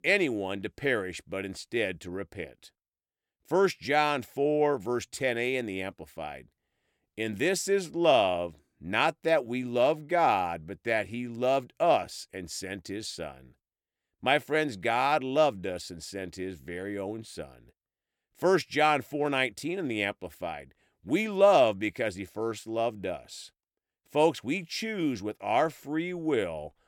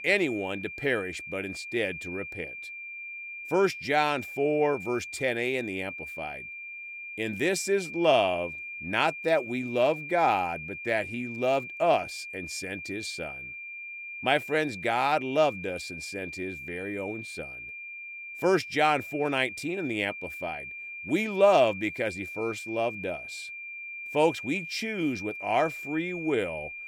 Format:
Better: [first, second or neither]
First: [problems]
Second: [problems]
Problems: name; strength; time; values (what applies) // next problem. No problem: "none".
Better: first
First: none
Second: high-pitched whine; loud; throughout; 2.5 kHz, 9 dB below the speech